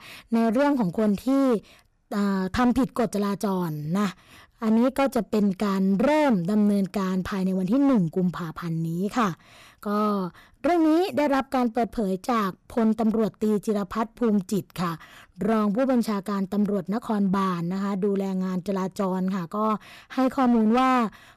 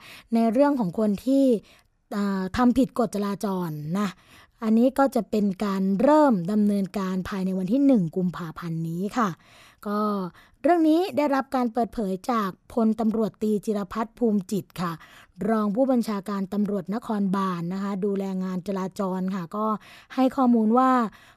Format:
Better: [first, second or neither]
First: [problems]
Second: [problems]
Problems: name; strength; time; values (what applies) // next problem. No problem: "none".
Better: second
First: distortion; slight; 9% of the sound clipped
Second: none